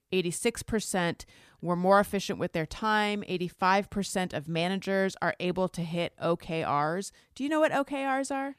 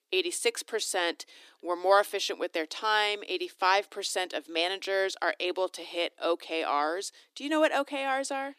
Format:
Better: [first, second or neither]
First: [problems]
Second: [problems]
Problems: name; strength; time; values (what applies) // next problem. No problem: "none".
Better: first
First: none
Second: thin; somewhat; fading below 300 Hz